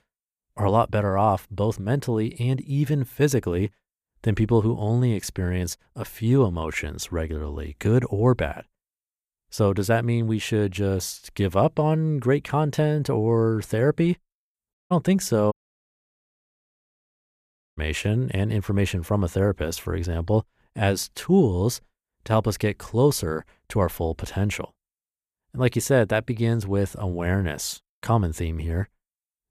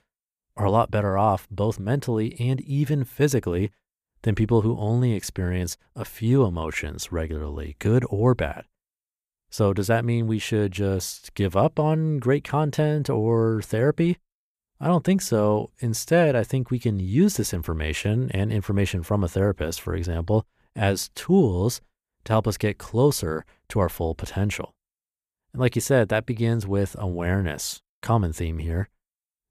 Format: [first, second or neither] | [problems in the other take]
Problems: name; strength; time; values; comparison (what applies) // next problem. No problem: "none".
second | audio cutting out; at 15 s and at 16 s for 2.5 s